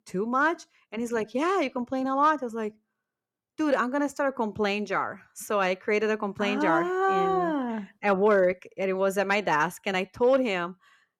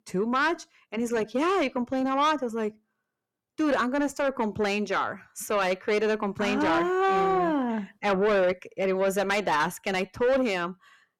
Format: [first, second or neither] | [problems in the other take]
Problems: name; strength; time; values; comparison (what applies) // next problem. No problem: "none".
first | distortion; slight; 10 dB below the speech